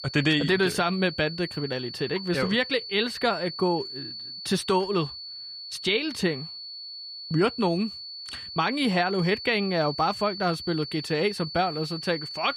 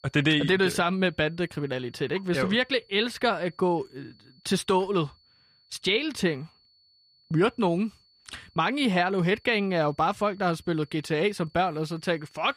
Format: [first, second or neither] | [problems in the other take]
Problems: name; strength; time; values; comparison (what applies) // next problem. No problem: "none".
second | high-pitched whine; loud; throughout; 4.5 kHz, 9 dB below the speech; faint in the second